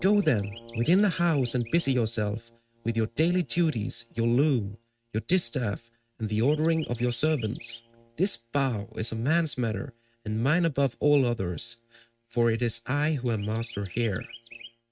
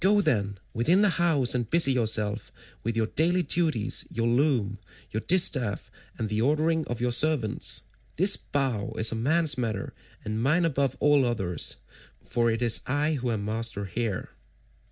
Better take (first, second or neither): second